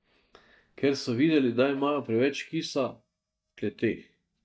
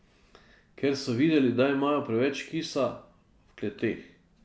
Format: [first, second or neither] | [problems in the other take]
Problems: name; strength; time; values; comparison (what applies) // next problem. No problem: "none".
second | noise reduction (neural mask model DeepFilterNet 3)